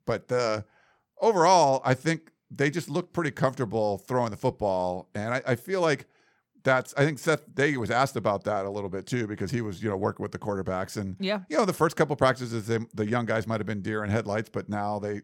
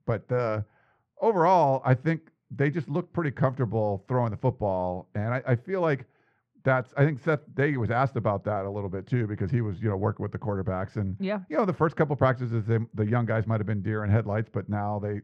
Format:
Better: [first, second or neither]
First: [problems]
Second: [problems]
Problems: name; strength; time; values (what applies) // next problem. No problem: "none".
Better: first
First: none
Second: muffled; very; fading above 2 kHz